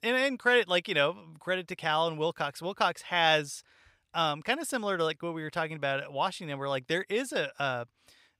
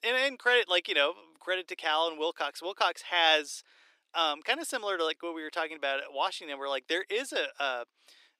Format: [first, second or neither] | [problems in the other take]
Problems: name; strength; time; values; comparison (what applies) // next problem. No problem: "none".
first | thin; somewhat; fading below 300 Hz